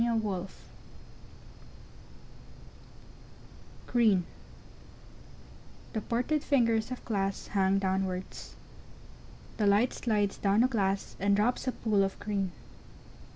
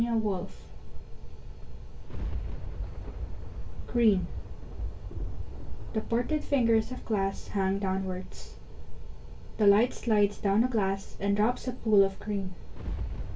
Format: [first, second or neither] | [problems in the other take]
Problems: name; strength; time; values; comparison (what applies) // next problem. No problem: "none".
first | background sound (Thunder); 11 dB below the speech // room echo; dies away in 0.2 s